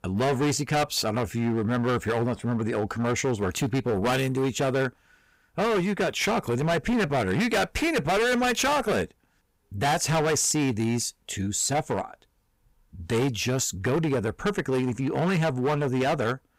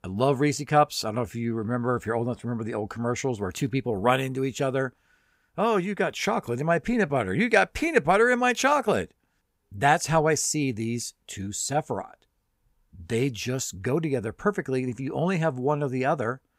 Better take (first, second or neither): second